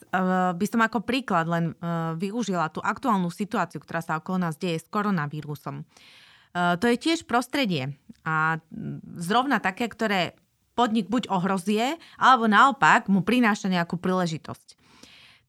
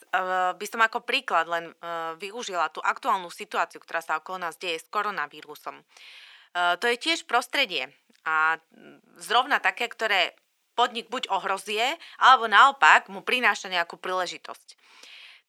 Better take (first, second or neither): first